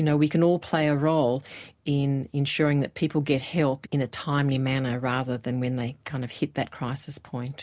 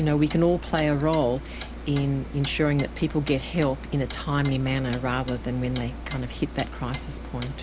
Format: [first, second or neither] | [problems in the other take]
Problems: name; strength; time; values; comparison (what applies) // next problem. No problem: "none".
first | background sound (Clock); 10 dB below the speech